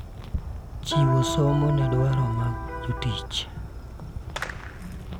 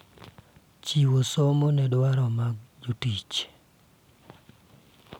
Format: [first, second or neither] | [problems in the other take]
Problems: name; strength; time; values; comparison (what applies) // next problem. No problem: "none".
second | background sound (Fireworks + Electric guitar); 4 dB below the speech